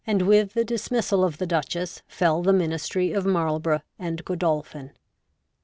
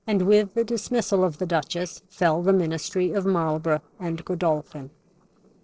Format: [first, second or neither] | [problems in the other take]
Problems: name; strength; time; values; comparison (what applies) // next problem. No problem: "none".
first | noise reduction (neural separator model SepFormer DNS4)